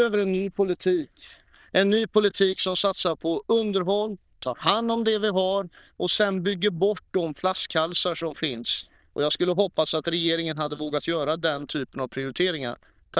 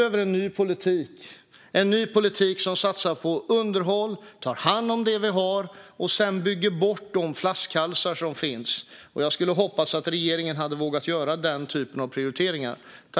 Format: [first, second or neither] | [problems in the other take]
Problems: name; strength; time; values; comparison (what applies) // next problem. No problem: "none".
second | noise reduction (neural diffusion model UNIVERSE++)